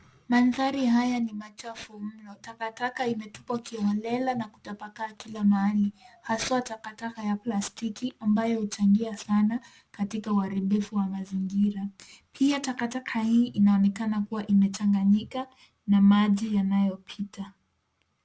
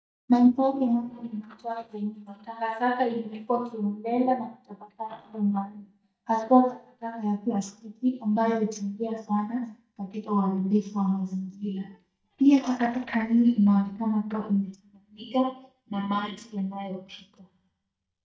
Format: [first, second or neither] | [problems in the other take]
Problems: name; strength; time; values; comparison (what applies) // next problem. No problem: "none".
first | noise reduction (neural mask model DeepFilterNet 3)